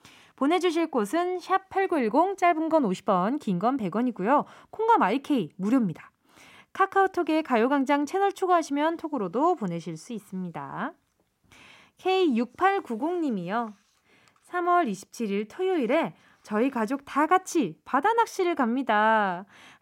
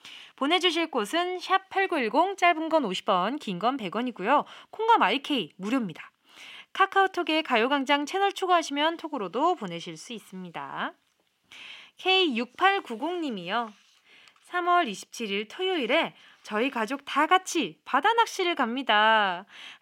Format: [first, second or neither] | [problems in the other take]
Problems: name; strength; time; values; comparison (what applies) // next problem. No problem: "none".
first | thin; very slightly; fading below 300 Hz